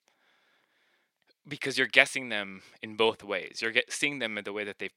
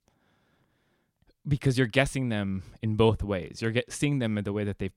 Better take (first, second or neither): second